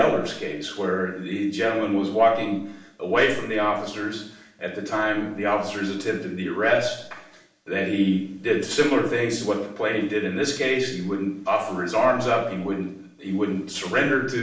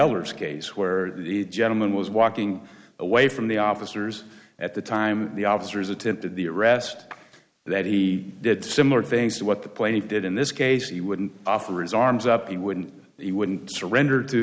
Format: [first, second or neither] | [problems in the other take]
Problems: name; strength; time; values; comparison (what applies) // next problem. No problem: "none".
second | room echo; dies away in 0.5 s